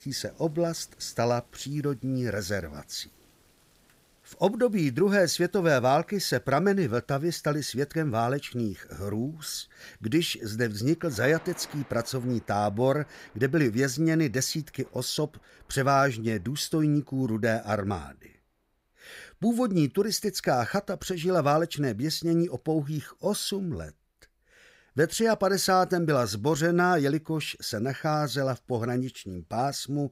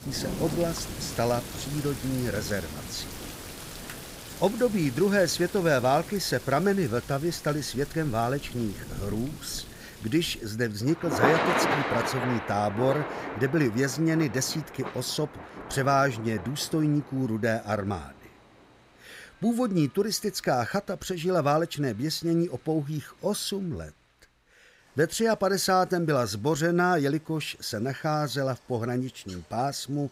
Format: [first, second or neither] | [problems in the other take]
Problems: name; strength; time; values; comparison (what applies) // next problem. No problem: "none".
first | rain or running water; loud; throughout; 7 dB below the speech; faint in the first